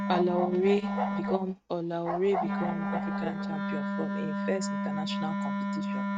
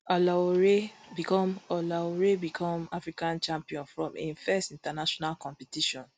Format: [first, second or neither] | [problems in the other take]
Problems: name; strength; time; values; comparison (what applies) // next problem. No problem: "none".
second | noise reduction (neural mask model RNNoise)